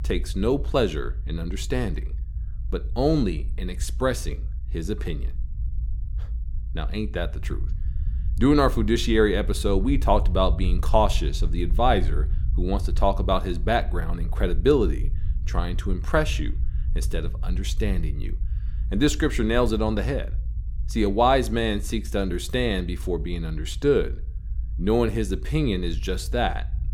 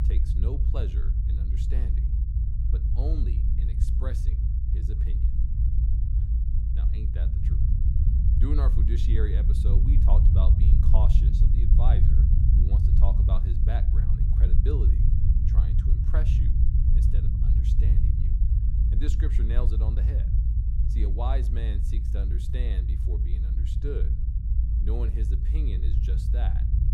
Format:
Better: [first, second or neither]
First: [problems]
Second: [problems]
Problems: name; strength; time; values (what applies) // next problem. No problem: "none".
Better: first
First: low rumble; faint; throughout; 25 dB below the speech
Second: low rumble; loud; throughout; 1 dB below the speech